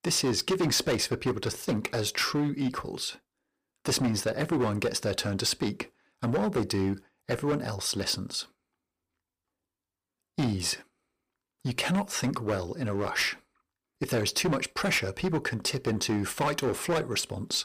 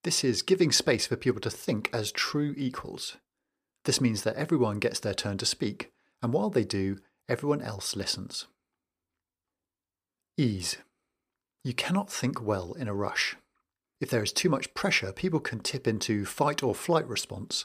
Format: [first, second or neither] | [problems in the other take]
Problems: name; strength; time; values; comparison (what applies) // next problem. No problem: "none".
second | distortion; heavy; 9% of the sound clipped